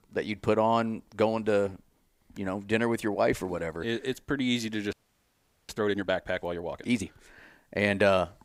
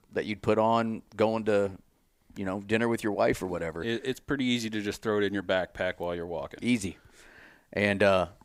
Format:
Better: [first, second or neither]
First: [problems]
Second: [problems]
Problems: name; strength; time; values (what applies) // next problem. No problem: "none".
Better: second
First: audio freezing; at 5 s for 1 s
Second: none